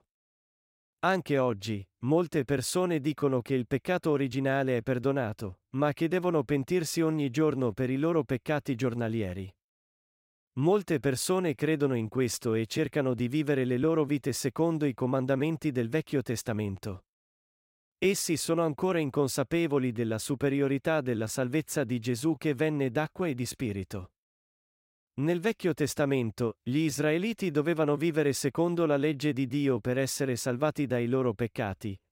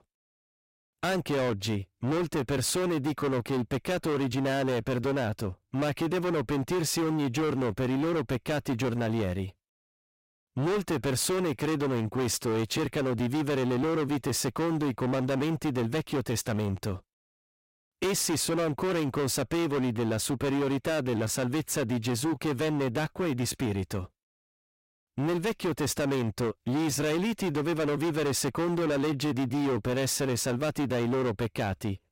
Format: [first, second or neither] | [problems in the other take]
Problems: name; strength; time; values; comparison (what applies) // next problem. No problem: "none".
first | distortion; heavy; 27% of the sound clipped